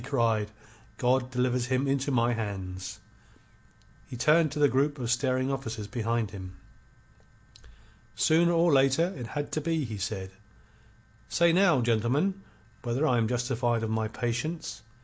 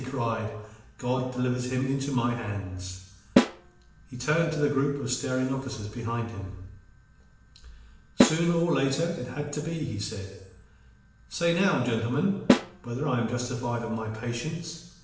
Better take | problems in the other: first | background sound (Snare drum); 1 dB above the speech // room echo; dies away in 0.9 s

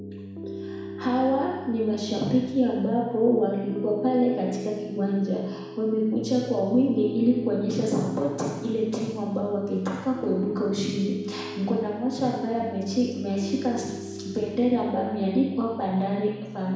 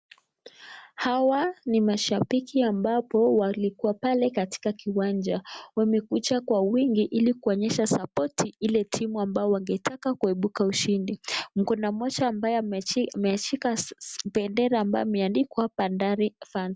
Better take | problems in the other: second | background sound (Piano); 10 dB below the speech // room echo; dies away in 1.1 s

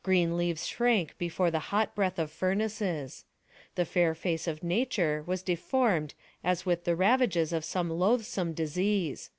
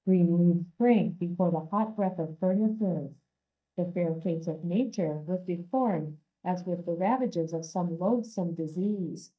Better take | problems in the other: first | noise reduction (neural mask model DeepFilterNet 3)

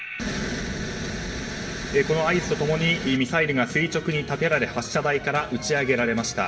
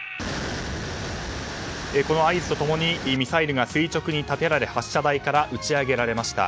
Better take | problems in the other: second | room echo; dies away in 1.8 s

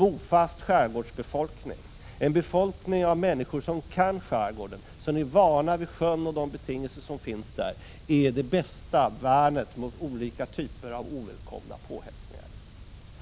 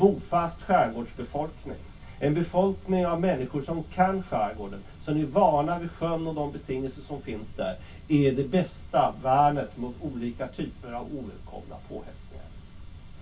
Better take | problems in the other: first | room echo; dies away in 0.1 s

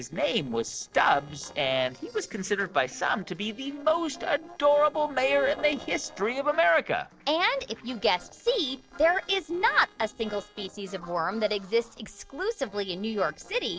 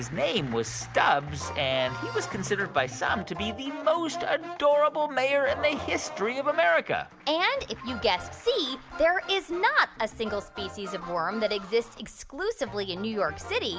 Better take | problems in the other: second | noise reduction (neural separator model SepFormer DNS4)

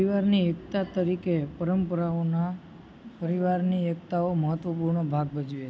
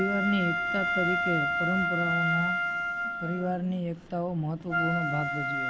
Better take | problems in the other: first | background sound (Wind instrument, woodwind instrument); 1 dB above the speech

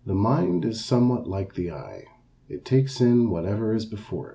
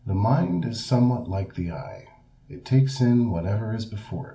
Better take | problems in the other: first | room echo; dies away in 0.4 s

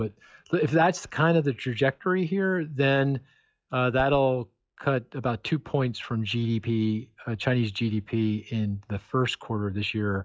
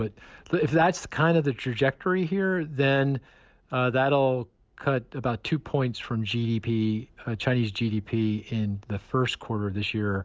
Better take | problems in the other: second | noise reduction (classical method log-MMSE)

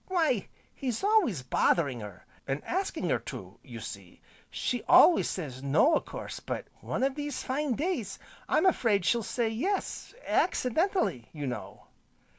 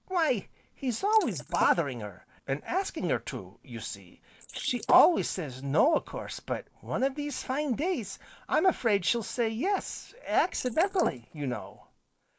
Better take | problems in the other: first | noise reduction (neural mask model Resemble Enhance denoiser)

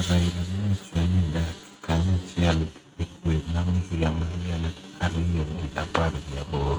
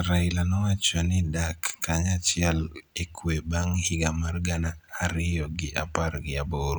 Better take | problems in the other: second | noise reduction (neural mask model RNNoise)

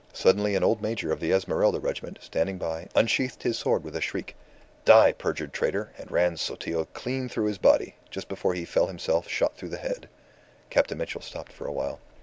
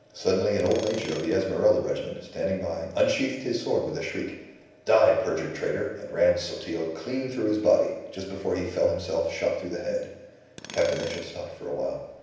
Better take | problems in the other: first | background sound (Tools); 16 dB below the speech // room echo; dies away in 0.9 s

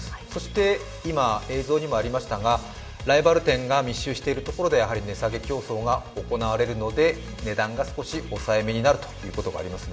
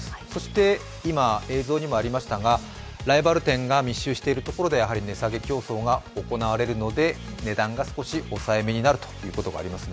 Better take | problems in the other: second | room echo; dies away in 1.1 s

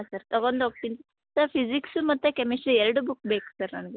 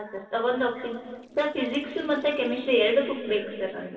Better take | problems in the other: first | noise reduction (neural separator model SepFormer DNS4)

